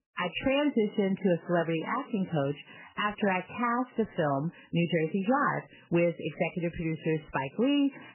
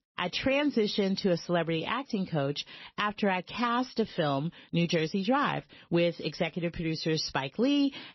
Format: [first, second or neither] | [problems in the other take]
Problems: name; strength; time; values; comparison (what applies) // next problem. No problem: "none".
second | garbled, watery; badly; nothing above 3 kHz; slightly in the second